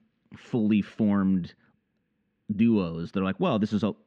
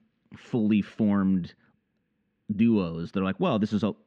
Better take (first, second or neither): neither